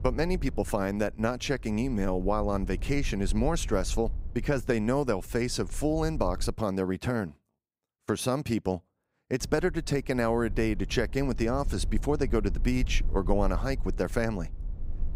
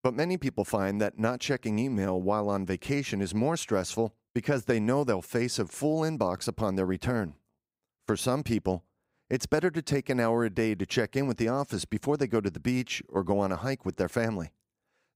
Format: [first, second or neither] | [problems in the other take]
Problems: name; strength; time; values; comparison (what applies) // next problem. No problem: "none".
second | low rumble; faint; until 6.5 s and from 9.5 s on; 25 dB below the speech